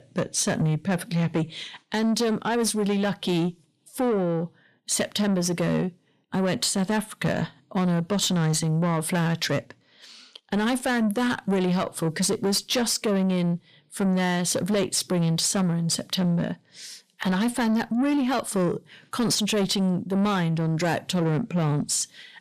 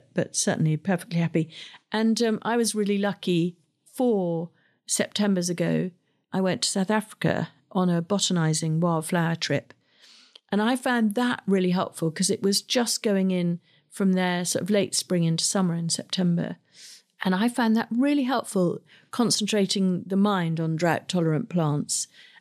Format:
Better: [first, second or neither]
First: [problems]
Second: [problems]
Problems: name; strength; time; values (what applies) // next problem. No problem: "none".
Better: second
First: distortion; slight; 10 dB below the speech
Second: none